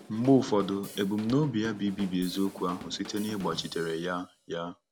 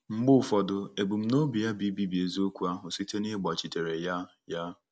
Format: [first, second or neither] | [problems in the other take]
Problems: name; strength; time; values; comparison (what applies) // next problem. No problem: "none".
second | background sound (Drum / Drum kit); 16 dB below the speech